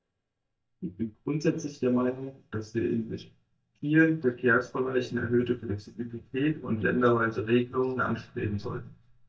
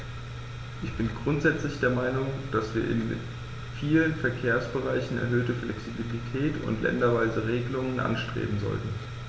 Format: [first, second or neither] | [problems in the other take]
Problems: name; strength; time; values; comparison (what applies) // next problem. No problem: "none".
second | noise reduction (neural mask model DeepFilterNet 3)